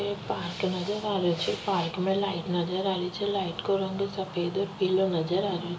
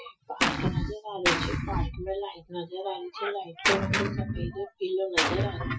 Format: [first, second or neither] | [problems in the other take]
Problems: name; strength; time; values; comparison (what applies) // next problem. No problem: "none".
first | noise reduction (classical method Wiener filter)